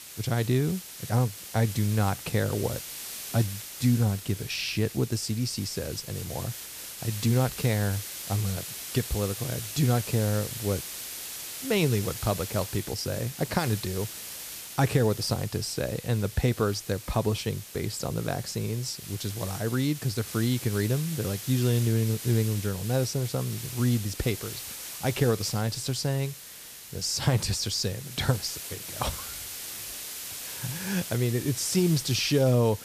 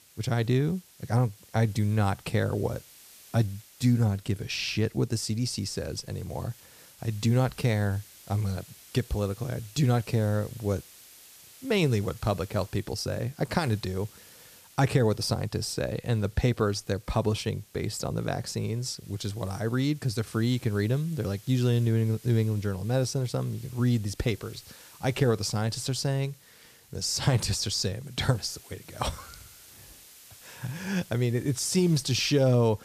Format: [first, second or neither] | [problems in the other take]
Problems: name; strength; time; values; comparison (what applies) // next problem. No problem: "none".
second | hiss; loud; throughout; 9 dB below the speech; faint in the second